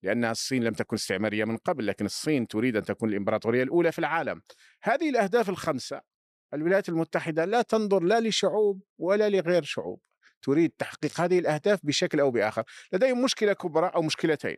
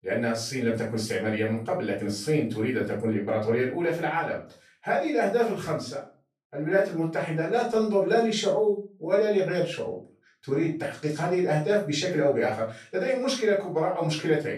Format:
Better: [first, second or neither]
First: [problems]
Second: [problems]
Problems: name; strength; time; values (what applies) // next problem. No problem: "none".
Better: first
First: none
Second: off-mic speech; far // room echo; slight; dies away in 0.3 s